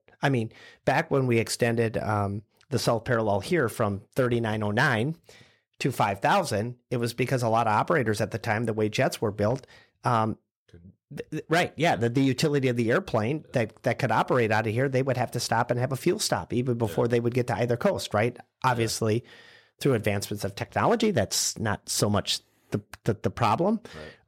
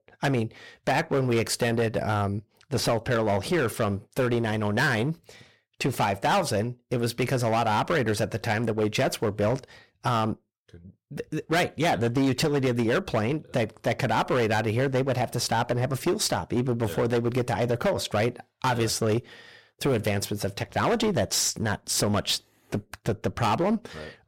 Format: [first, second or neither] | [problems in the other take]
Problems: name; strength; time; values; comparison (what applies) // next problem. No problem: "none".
first | distortion; slight; 12% of the sound clipped